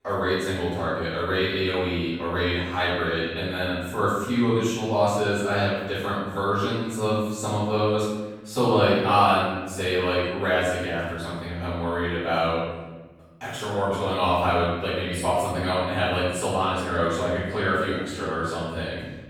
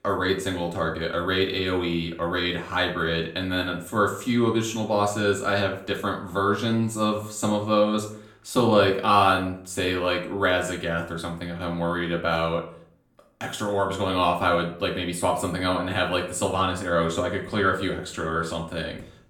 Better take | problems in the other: second | room echo; strong; dies away in 1.3 s; slight in the second // off-mic speech; far; far in the second

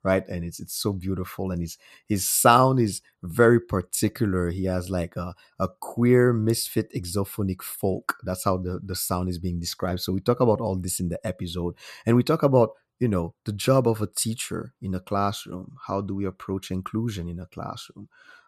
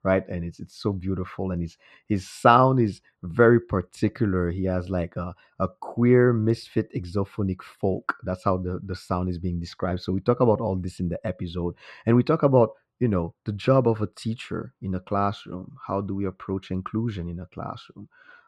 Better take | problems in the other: first | muffled; slightly; fading above 2.5 kHz

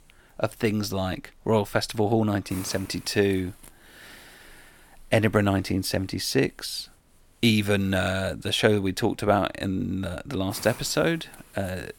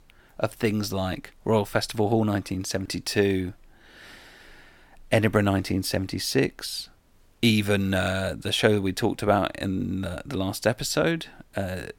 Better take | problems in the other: second | hiss; noticeable; throughout; 20 dB below the speech

